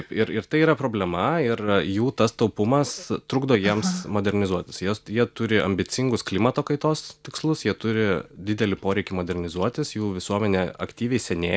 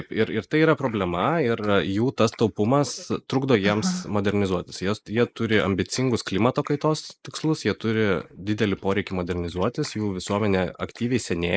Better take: first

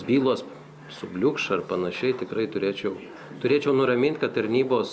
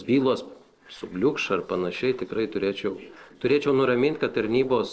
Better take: first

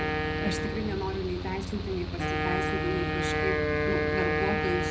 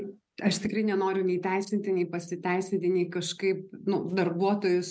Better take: second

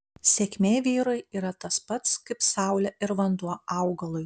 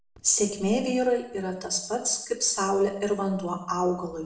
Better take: first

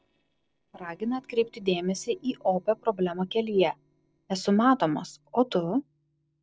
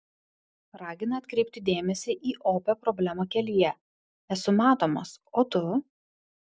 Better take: second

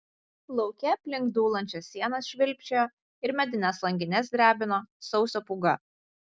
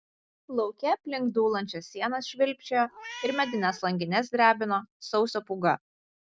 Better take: first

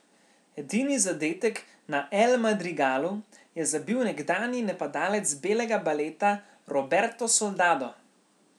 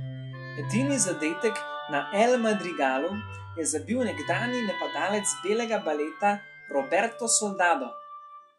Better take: first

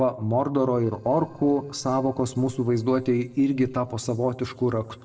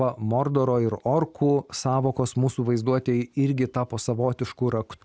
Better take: second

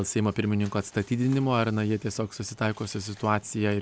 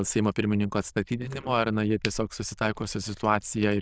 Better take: first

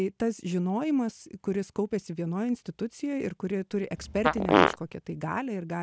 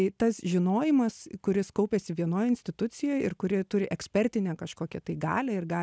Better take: second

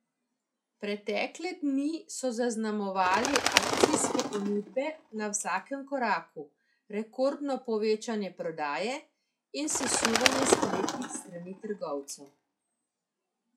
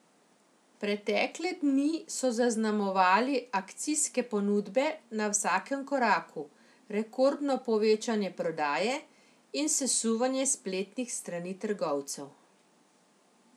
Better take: second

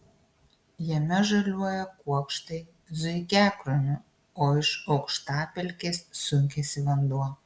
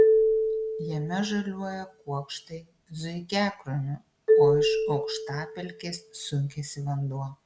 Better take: first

